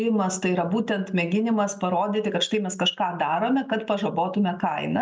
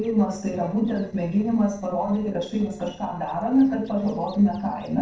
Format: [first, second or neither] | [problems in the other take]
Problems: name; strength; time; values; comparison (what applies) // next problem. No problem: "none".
first | noise reduction (neural separator model SepFormer DNS4)